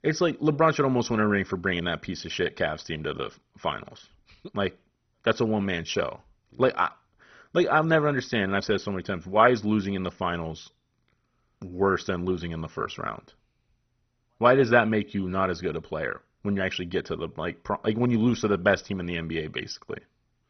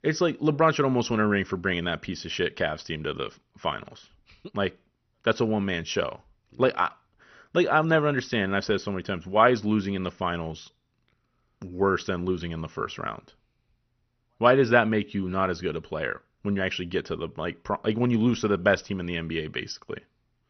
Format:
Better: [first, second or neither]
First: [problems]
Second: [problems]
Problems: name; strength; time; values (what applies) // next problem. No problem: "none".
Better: second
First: garbled, watery; badly; nothing above 6 kHz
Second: garbled, watery; slightly; nothing above 6 kHz